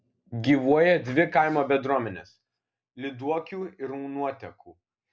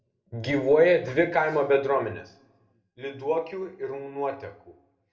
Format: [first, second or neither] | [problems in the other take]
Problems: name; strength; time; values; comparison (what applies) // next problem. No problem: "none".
first | room echo; dies away in 0.5 s